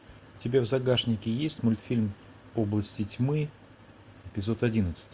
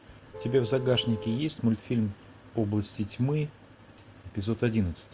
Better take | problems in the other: first | background sound (Vehicle horn, car horn, honking + Tambourine); 15 dB below the speech

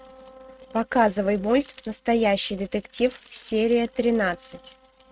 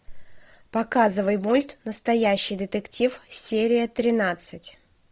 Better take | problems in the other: second | noise reduction (neural mask model RNNoise)

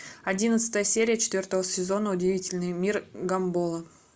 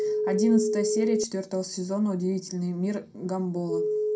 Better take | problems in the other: first | background sound (Telephone); 2 dB below the speech // room echo; dies away in 0.2 s

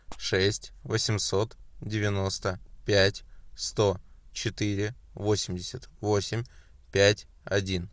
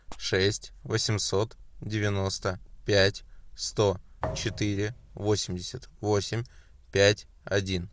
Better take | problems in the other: first | background sound (Thump, thud); 10 dB below the speech

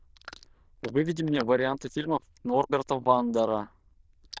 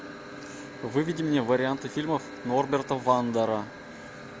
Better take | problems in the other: second | noise reduction (neural diffusion model UNIVERSE++)

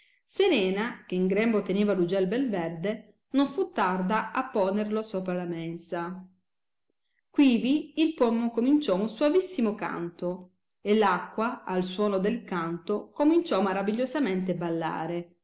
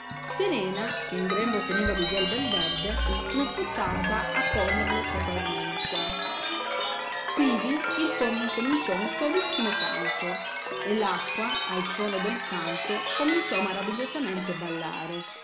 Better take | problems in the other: first | background sound (Chime); 1 dB above the speech

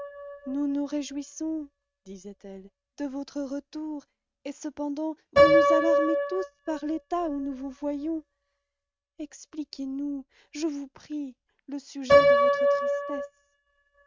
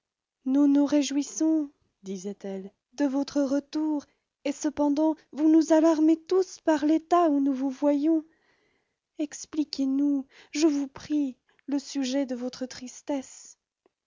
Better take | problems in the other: second | noise reduction (neural mask model RNNoise)

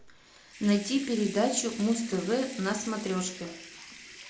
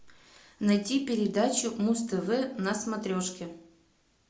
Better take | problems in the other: second | background sound (Sink (filling or washing) / Water tap, faucet / Liquid); 15 dB below the speech

